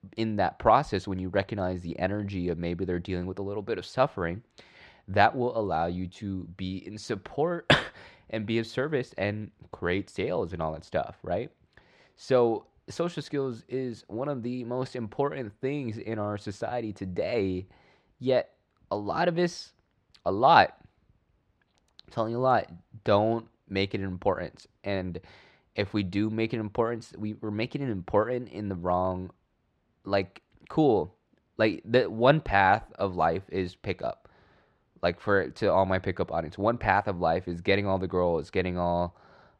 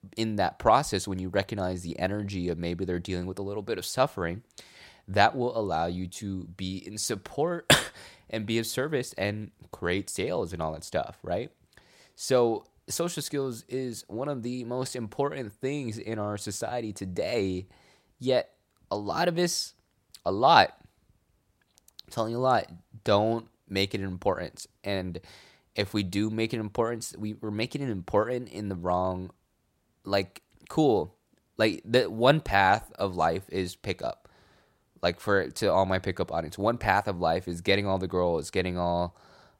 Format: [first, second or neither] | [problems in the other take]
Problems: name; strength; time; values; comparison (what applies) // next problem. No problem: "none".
second | muffled; slightly; fading above 3 kHz